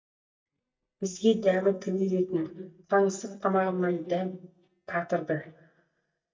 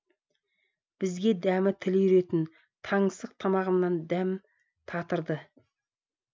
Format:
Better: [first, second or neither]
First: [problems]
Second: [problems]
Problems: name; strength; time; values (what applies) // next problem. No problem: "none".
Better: second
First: noise reduction (neural mask model DeepFilterNet 3)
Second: none